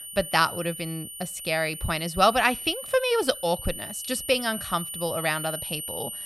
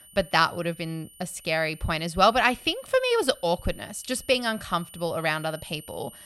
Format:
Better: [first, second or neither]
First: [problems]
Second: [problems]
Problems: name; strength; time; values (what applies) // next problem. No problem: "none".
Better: second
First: high-pitched whine; loud; throughout; 9 kHz, 8 dB below the speech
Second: high-pitched whine; faint; throughout; 9 kHz, 20 dB below the speech